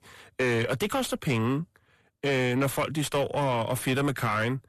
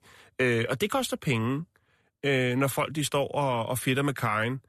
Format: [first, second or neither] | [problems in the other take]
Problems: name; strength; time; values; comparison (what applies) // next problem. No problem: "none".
second | distortion; slight; 10 dB below the speech